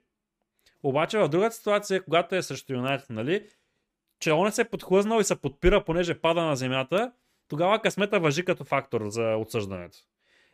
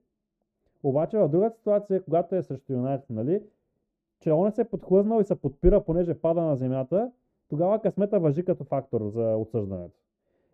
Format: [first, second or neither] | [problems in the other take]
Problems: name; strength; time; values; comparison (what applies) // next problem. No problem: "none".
first | muffled; very; fading above 1 kHz